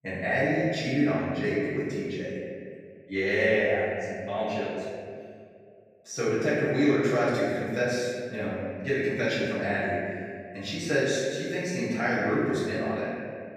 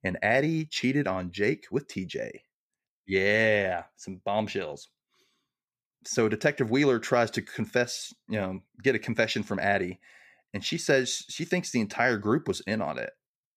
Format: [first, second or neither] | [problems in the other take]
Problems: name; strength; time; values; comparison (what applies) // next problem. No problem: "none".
second | off-mic speech; far // room echo; strong; dies away in 2 s